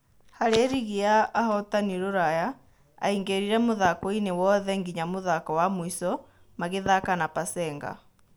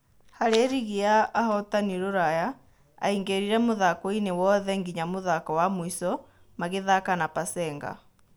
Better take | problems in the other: second | background sound (Knock / Wood); 15 dB below the speech

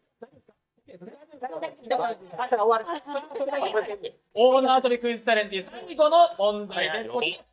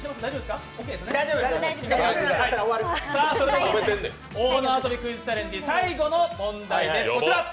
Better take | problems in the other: second | noise reduction (neural mask model DeepFilterNet 3)

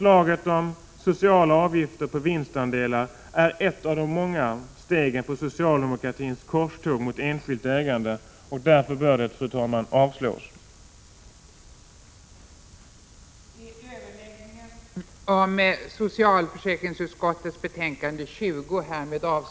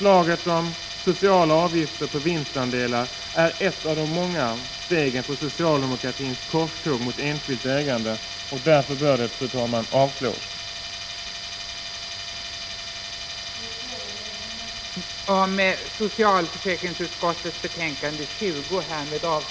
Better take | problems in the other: first | background sound (Tools); 9 dB below the speech

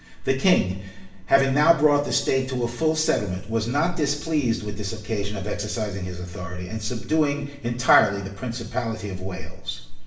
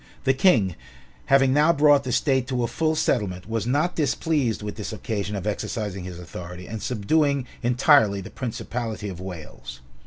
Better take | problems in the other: second | room echo; dies away in 0.9 s

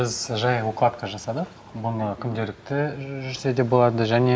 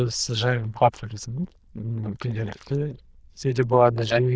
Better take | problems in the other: first | noise reduction (neural diffusion model UNIVERSE++)

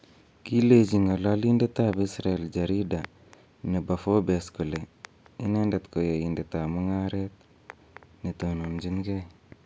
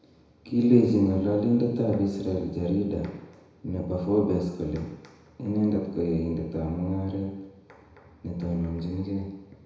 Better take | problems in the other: first | room echo; dies away in 1 s

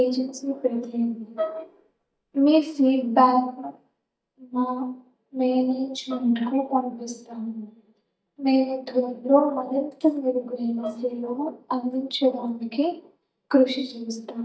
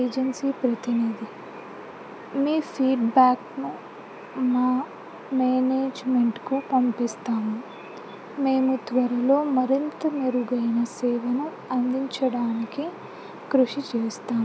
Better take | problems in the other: second | noise reduction (neural mask model DeepFilterNet 3)

